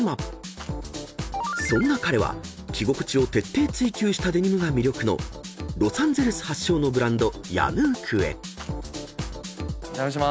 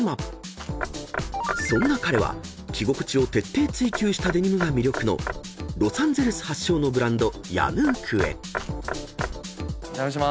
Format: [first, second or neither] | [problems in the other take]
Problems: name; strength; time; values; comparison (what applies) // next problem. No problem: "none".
first | background sound (Knock / Wood); 10 dB below the speech